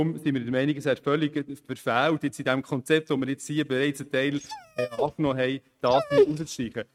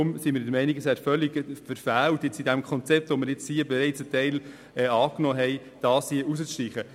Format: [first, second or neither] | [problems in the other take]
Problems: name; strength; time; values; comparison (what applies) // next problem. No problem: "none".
second | noise reduction (neural mask model RNNoise)